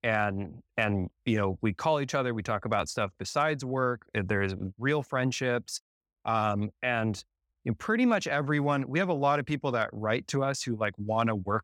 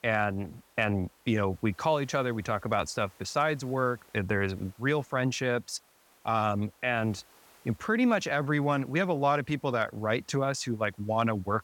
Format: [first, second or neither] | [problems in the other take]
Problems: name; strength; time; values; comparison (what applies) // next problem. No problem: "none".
first | hiss; faint; throughout; 30 dB below the speech